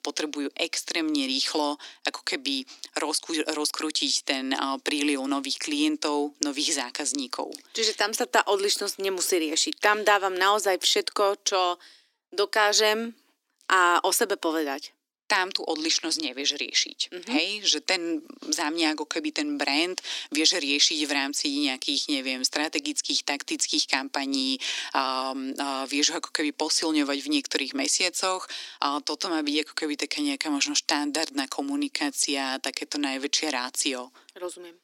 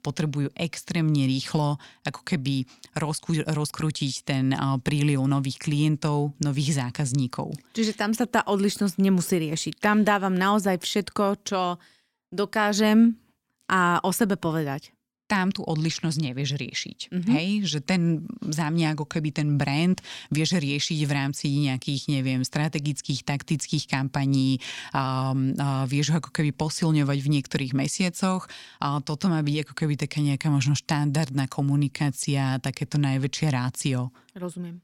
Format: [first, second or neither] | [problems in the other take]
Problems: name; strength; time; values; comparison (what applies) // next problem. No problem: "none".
second | thin; somewhat; fading below 300 Hz